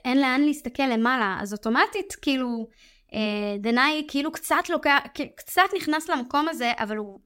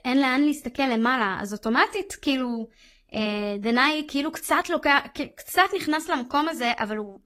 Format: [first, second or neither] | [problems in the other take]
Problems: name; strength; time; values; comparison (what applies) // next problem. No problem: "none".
first | garbled, watery; slightly; nothing above 14.5 kHz